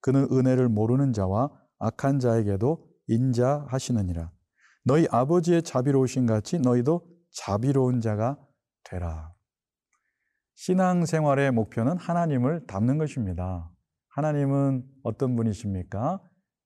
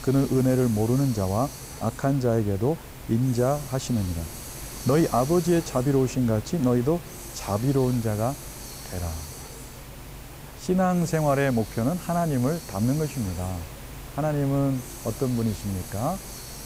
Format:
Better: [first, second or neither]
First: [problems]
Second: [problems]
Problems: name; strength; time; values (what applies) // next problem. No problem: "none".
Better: first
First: none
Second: hiss; noticeable; throughout; 15 dB below the speech